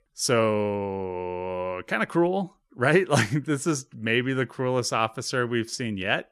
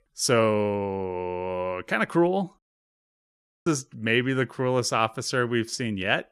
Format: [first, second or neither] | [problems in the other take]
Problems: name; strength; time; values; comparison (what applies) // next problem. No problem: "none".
first | audio cutting out; at 2.5 s for 1 s